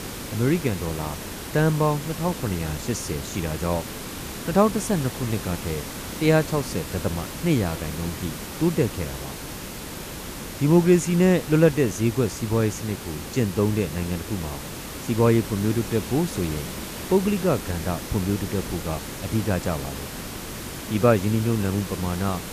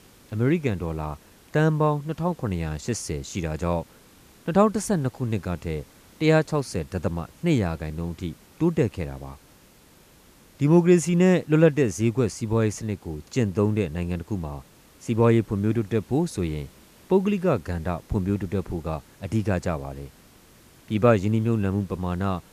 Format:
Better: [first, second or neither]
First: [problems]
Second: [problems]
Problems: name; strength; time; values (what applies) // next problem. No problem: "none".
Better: second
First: hiss; loud; throughout; 9 dB below the speech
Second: hiss; faint; throughout; 30 dB below the speech